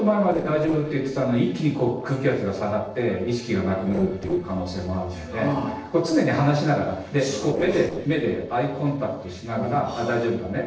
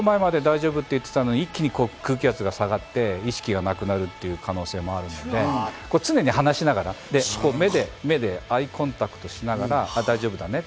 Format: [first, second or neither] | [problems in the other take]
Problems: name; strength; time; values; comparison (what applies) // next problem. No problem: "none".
second | noise reduction (neural separator model SepFormer DNS4)